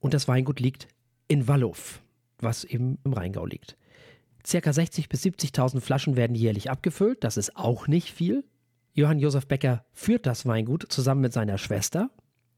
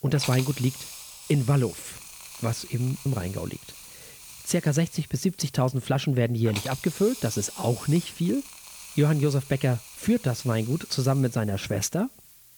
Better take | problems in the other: first | hiss; noticeable; throughout; 15 dB below the speech

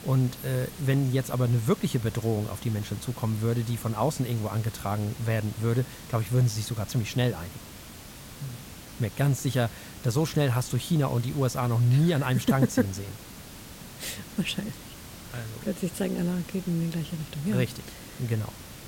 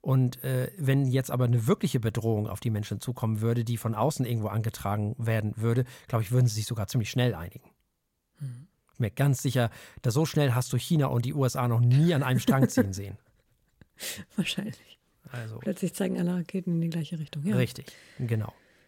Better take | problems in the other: second | hiss; noticeable; throughout; 15 dB below the speech

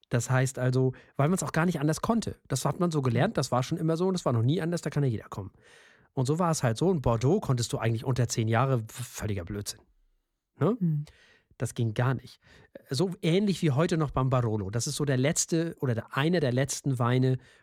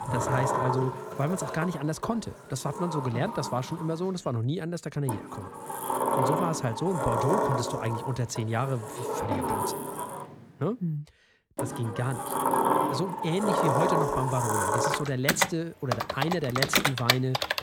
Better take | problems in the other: first | household noises; very loud; throughout; 2 dB above the speech

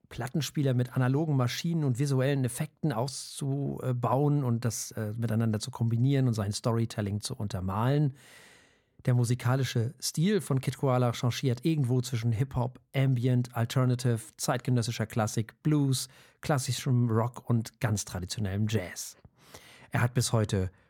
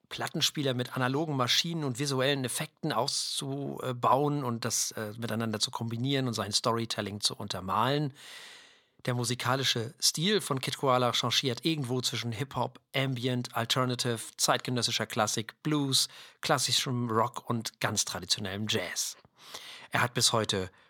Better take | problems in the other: first | thin; somewhat; fading below 400 Hz

